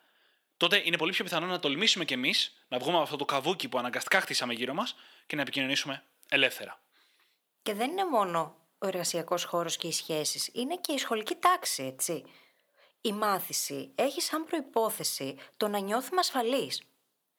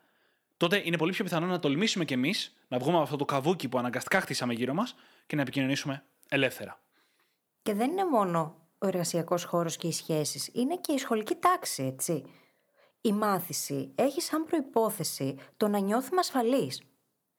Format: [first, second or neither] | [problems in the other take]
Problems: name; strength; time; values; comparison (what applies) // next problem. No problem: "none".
second | thin; very slightly; fading below 500 Hz